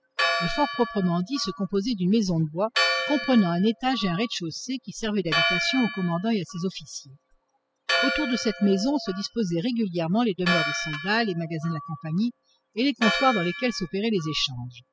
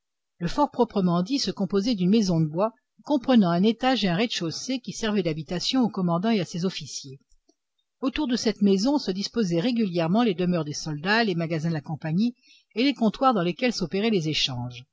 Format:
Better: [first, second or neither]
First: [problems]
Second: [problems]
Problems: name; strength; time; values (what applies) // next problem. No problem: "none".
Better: second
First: noise reduction (classical method spectral subtraction)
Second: none